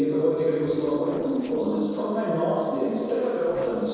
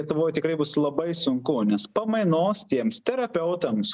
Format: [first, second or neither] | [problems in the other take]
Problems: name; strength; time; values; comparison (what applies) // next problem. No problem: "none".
second | noise reduction (neural separator model SepFormer DNS4)